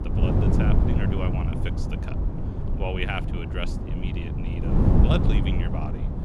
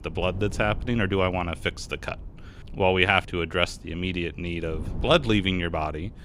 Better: second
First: wind noise on the microphone; heavy; as loud as the speech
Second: wind noise on the microphone; occasional gusts; 25 dB below the speech

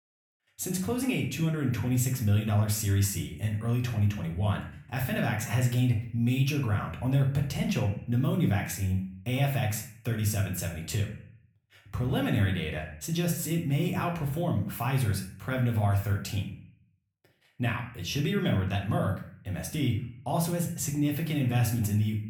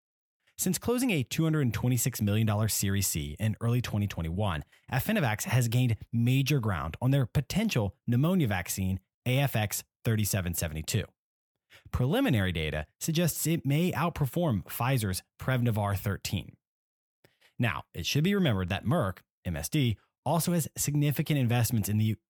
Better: second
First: room echo; slight; dies away in 0.5 s // off-mic speech; somewhat distant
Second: none

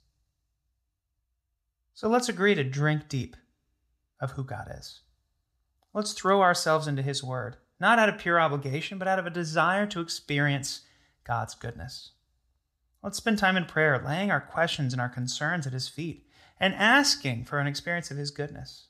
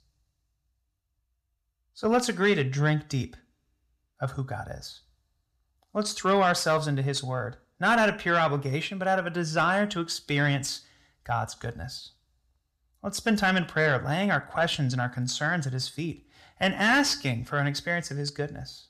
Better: first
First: none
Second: distortion; slight; 10 dB below the speech

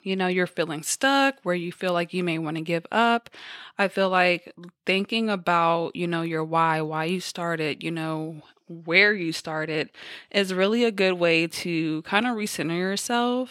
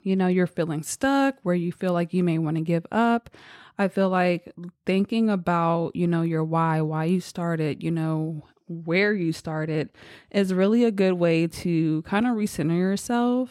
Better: second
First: thin; somewhat; fading below 1 kHz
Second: none

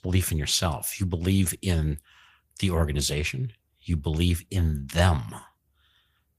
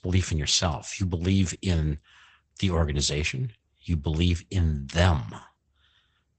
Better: first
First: garbled, watery; slightly; nothing above 15 kHz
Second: garbled, watery; badly; nothing above 8 kHz

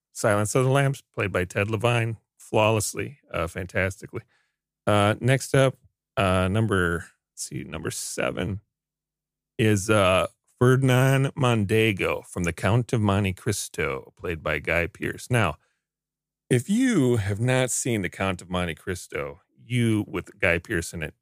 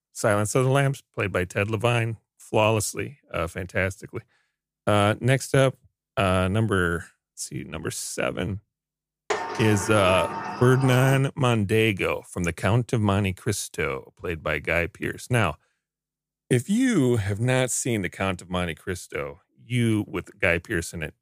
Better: first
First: none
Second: door banging; noticeable; from 9.5 to 11 s; peak 4 dB below the speech

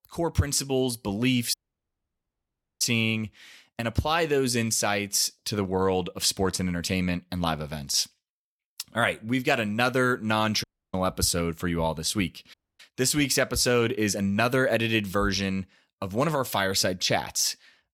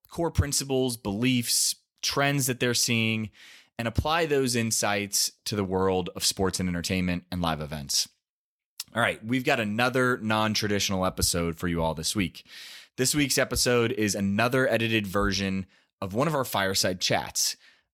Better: second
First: audio cutting out; at 1.5 s for 1.5 s, at 11 s and at 13 s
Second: none

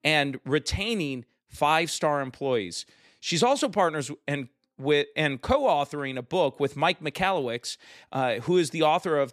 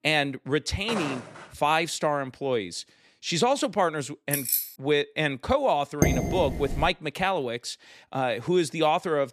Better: first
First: none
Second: footsteps; noticeable; at 1 s; peak 6 dB below the speech // jangling keys; loud; at 4.5 s; peak 2 dB above the speech // clattering dishes; loud; at 6 s; peak 2 dB above the speech

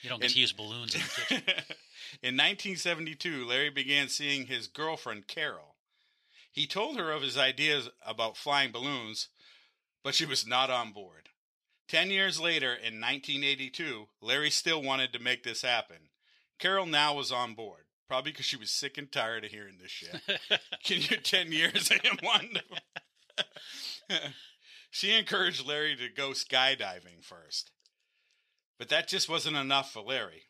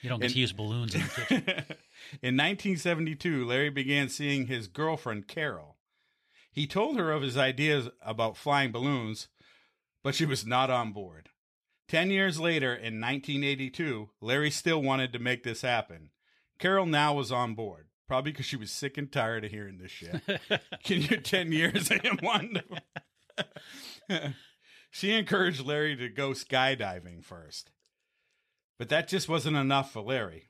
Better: second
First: thin; somewhat; fading below 550 Hz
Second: none

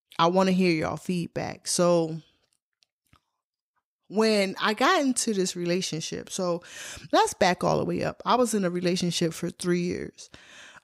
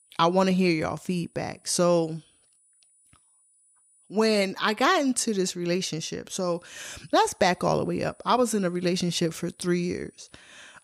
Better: first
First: none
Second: high-pitched whine; faint; until 4 s and from 6.5 s on; 9.5 kHz, 35 dB below the speech

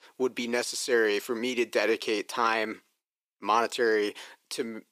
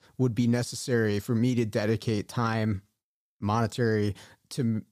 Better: second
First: thin; very; fading below 350 Hz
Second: none

